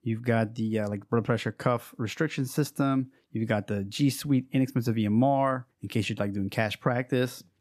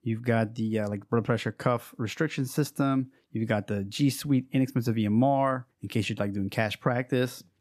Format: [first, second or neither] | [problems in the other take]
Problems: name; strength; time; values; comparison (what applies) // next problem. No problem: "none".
neither | none